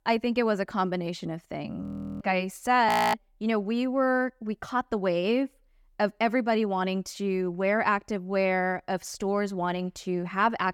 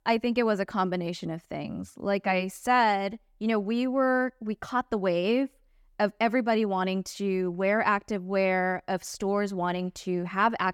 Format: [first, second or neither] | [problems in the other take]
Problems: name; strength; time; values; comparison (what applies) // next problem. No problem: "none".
second | audio freezing; at 2 s and at 3 s